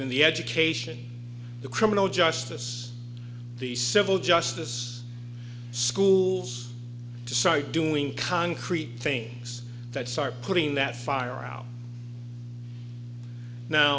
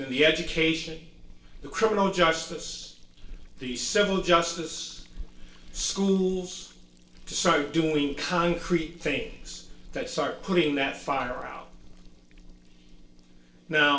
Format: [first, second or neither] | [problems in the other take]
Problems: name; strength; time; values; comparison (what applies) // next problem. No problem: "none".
first | noise reduction (neural separator model SepFormer DNS4)